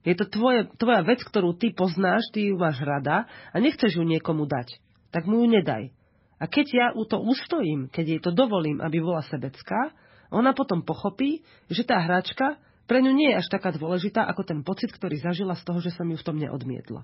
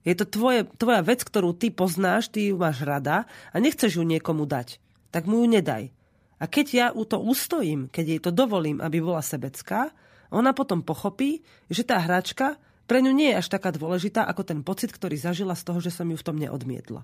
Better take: second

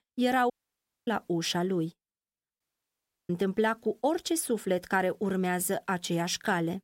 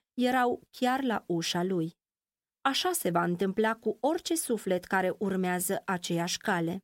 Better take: second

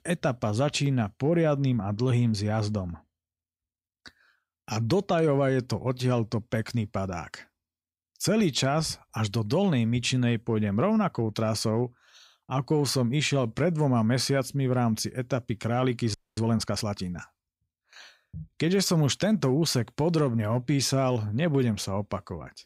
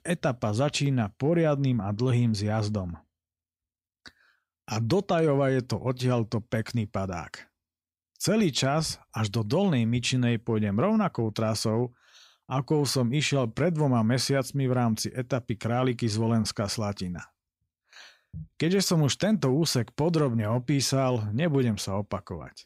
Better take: second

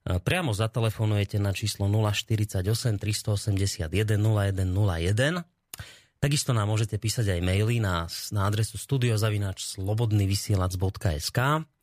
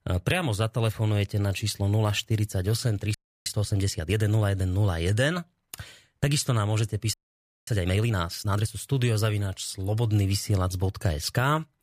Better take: first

